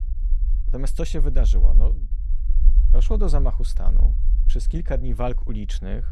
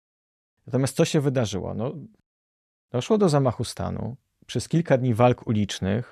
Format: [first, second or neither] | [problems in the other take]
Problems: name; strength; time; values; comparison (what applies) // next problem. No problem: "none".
second | low rumble; noticeable; throughout; 15 dB below the speech